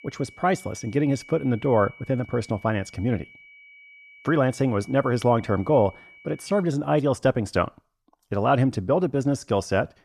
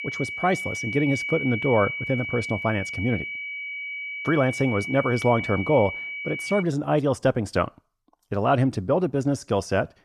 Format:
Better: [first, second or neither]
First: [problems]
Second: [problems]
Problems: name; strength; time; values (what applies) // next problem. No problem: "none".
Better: first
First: high-pitched whine; faint; until 6.5 s; 2.5 kHz, 25 dB below the speech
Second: high-pitched whine; loud; until 6.5 s; 2.5 kHz, 5 dB below the speech